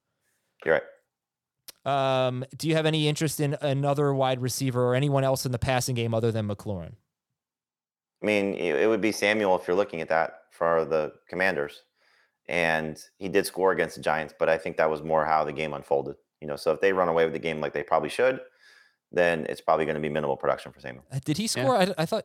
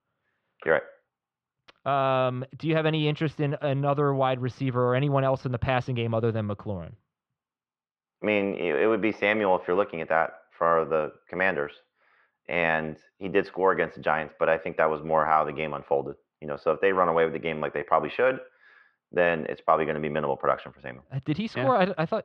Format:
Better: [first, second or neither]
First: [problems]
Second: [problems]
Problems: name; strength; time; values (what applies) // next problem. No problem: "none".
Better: first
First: none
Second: muffled; very; fading above 3 kHz